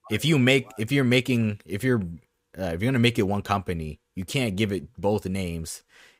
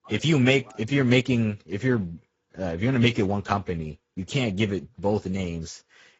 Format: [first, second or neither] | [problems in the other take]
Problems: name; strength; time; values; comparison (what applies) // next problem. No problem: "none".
first | garbled, watery; badly; nothing above 7.5 kHz